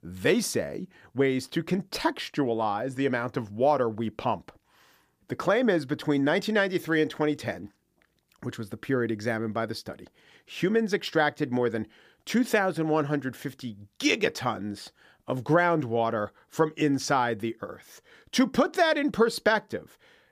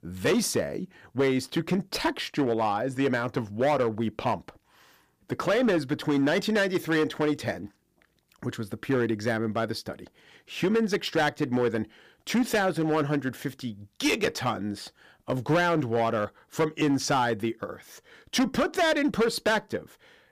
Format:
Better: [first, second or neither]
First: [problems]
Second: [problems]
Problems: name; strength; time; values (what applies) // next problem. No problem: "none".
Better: first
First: none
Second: distortion; slight; 6% of the sound clipped